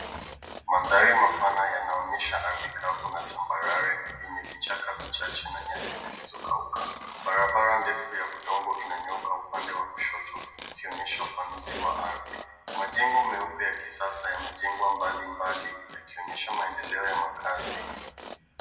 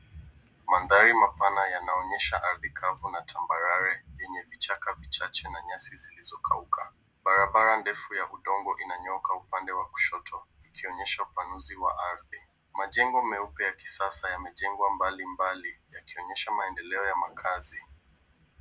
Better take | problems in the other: second | background sound (Tearing); 14 dB below the speech // room echo; dies away in 1.1 s

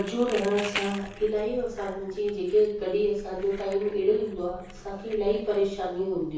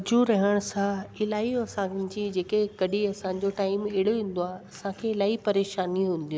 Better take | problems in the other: second | background sound (Crumpling, crinkling); 15 dB below the speech // room echo; dies away in 0.6 s

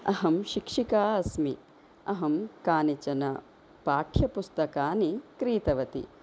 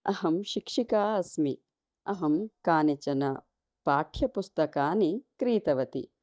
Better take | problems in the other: first | noise reduction (neural mask model DeepFilterNet 3)

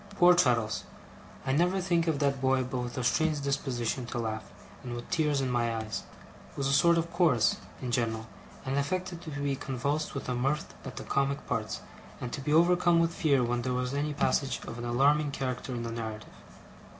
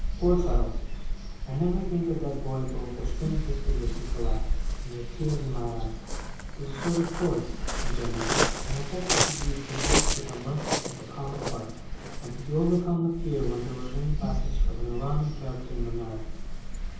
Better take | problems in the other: first | background sound (Waves, surf); 3 dB above the speech // room echo; dies away in 0.9 s

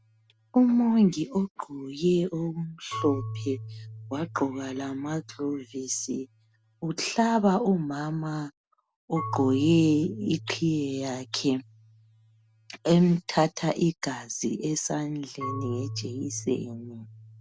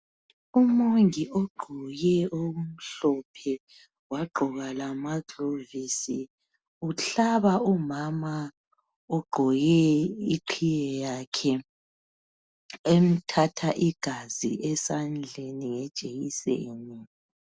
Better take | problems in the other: second | background sound (Marimba, xylophone / Wood); 14 dB below the speech

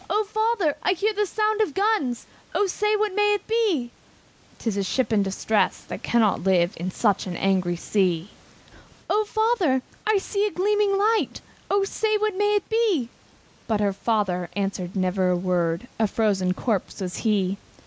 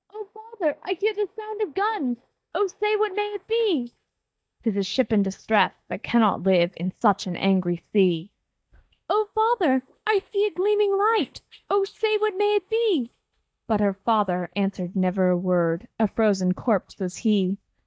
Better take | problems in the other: first | noise reduction (neural mask model DeepFilterNet 3)

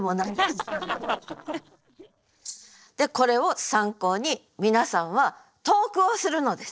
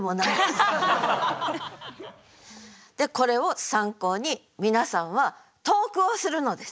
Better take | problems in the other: second | noise reduction (neural separator model SepFormer DNS4)

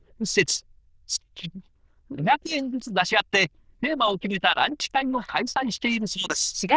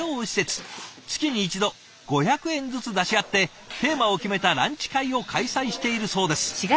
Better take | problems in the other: second | noise reduction (neural diffusion model UNIVERSE++)

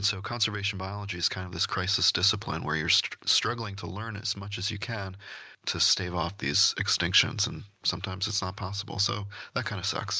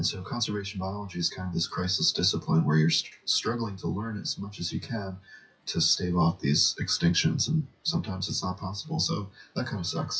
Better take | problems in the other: first | noise reduction (classical method WPE with log-MMSE)

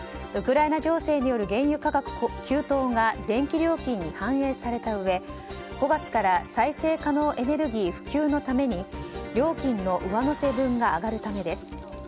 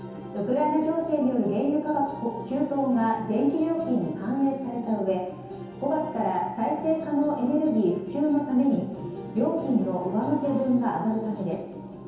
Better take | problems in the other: first | room echo; dies away in 1 s

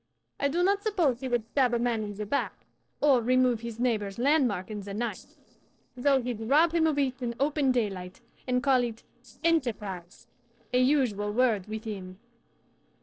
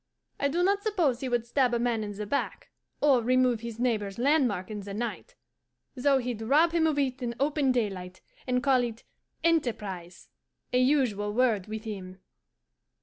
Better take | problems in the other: second | noise reduction (neural separator model SepFormer DNS4)

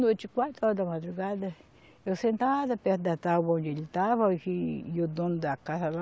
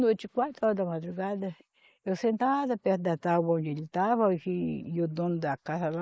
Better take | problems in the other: first | noise reduction (neural mask model Resemble Enhance denoiser)

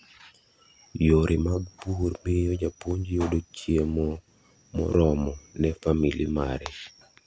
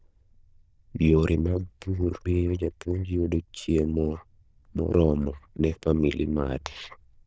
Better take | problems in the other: first | noise reduction (neural diffusion model UNIVERSE++)

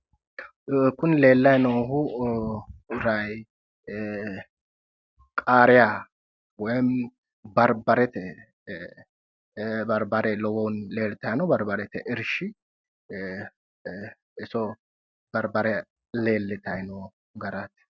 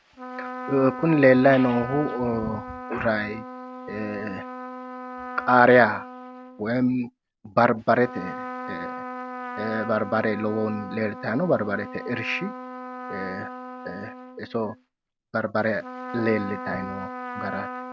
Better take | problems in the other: first | background sound (Trumpet); 11 dB below the speech

